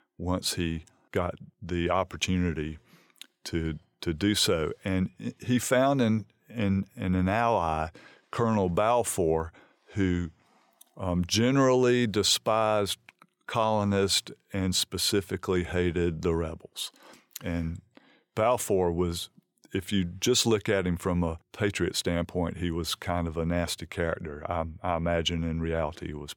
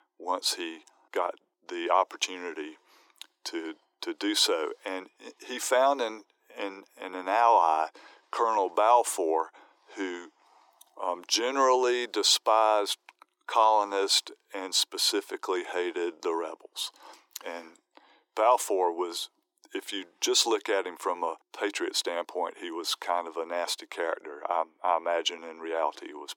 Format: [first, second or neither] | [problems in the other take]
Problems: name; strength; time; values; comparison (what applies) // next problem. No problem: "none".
first | thin; very; fading below 300 Hz